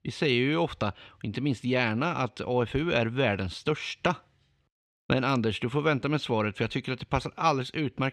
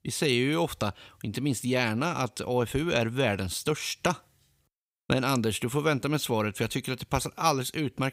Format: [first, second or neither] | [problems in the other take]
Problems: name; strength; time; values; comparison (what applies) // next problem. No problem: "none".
second | muffled; very slightly; fading above 3 kHz